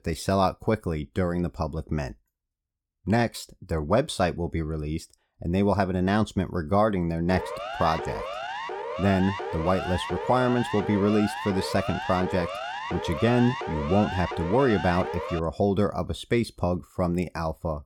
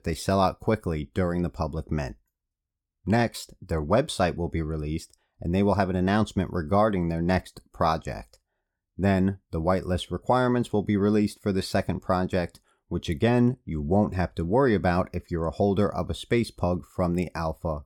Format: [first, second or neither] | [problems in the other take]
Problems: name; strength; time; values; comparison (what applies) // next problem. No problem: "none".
second | siren; noticeable; from 7.5 to 15 s; peak 6 dB below the speech